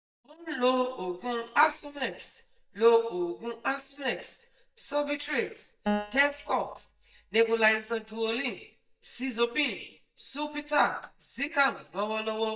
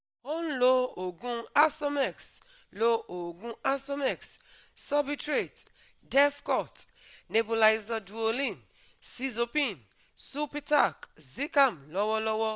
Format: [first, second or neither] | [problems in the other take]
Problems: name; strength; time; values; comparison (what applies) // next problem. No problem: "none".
second | noise reduction (neural mask model DeepFilterNet 3)